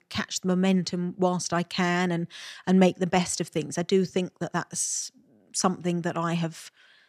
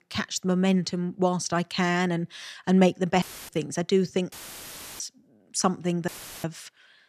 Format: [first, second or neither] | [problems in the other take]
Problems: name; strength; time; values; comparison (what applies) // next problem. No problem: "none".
first | audio cutting out; filled with static; at 3 s, at 4.5 s for 0.5 s and at 6 s